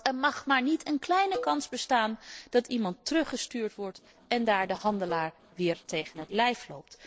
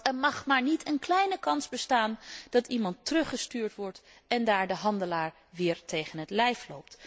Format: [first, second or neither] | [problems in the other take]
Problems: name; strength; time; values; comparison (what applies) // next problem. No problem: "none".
second | noise reduction (neural separator model SepFormer DNS4)